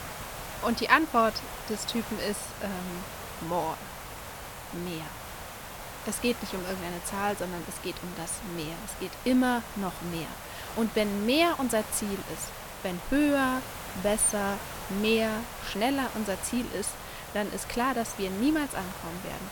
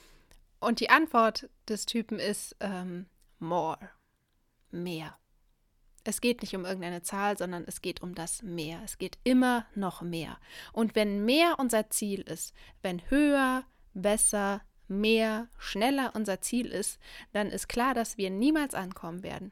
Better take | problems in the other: second | hiss; loud; throughout; 10 dB below the speech

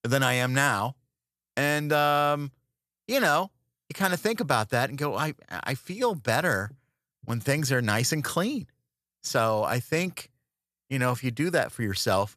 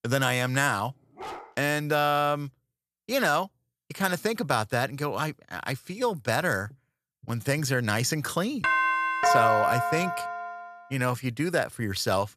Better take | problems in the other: first | dog barking; faint; at 1 s; peak 10 dB below the speech // doorbell; loud; from 8.5 to 11 s; peak 6 dB above the speech

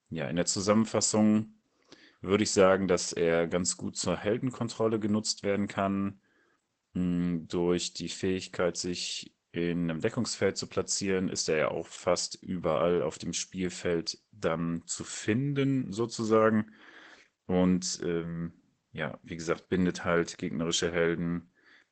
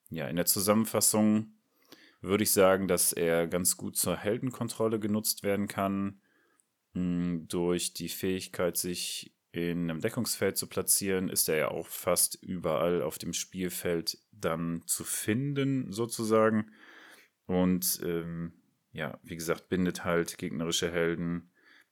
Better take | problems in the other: second | garbled, watery; badly; nothing above 8 kHz

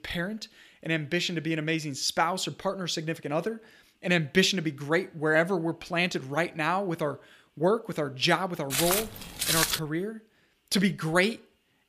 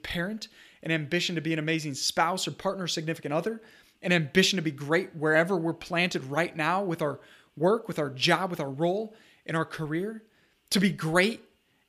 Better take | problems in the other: second | footsteps; loud; from 8.5 to 10 s; peak 4 dB above the speech

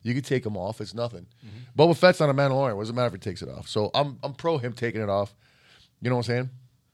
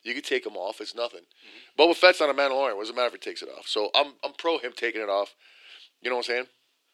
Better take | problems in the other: first | thin; very; fading below 300 Hz

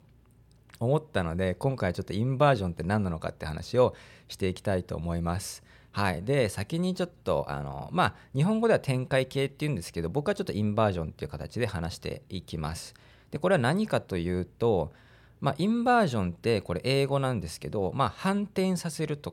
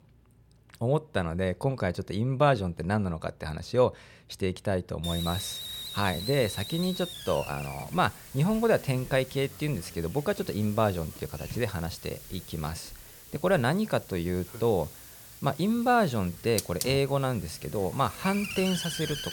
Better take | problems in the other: first | hiss; noticeable; from 5 s on; 10 dB below the speech

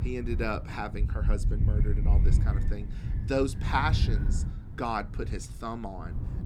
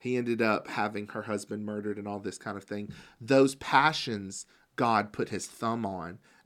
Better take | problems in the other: second | wind noise on the microphone; occasional gusts; 10 dB below the speech

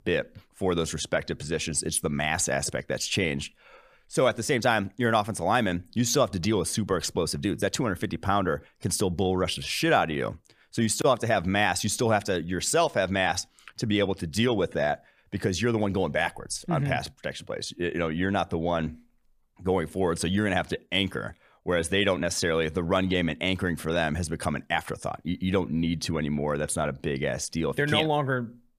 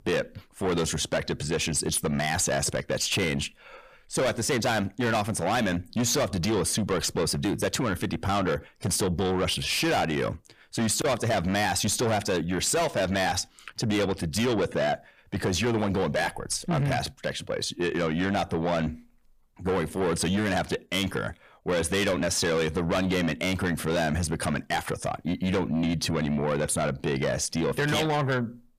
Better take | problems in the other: first | distortion; heavy; 7 dB below the speech

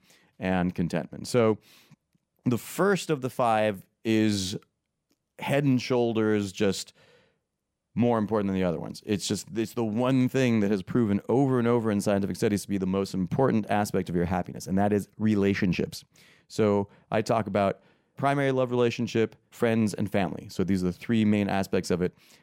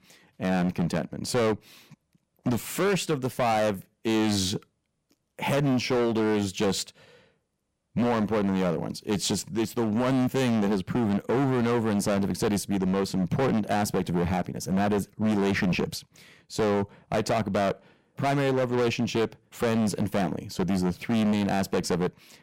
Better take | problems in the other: first | distortion; heavy; 18% of the sound clipped

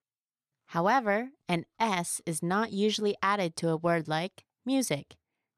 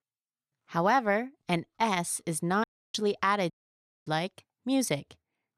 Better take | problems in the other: first | audio cutting out; at 2.5 s and at 3.5 s for 0.5 s

